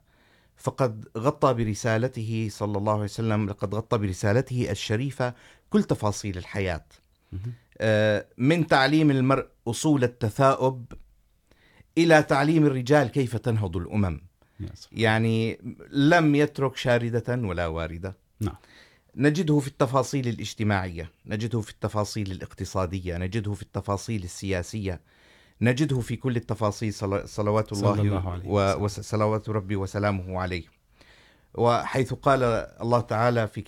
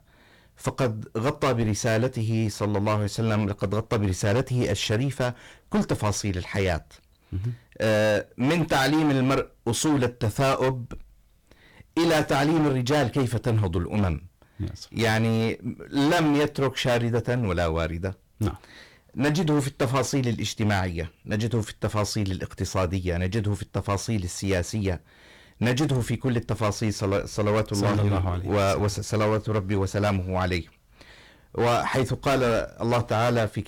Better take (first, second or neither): first